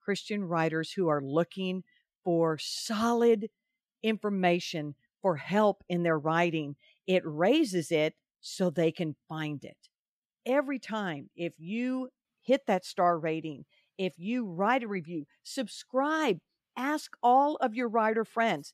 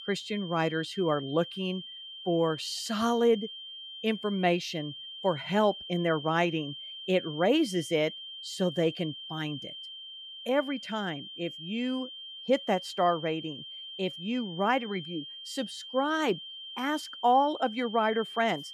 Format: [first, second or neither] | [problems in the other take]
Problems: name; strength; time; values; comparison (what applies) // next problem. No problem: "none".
first | high-pitched whine; noticeable; throughout; 3 kHz, 10 dB below the speech